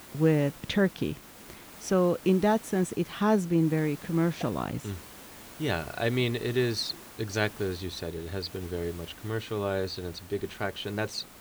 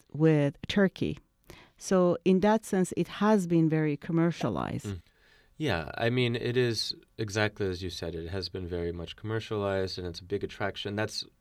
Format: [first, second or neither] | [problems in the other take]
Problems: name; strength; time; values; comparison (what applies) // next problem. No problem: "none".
second | hiss; noticeable; throughout; 15 dB below the speech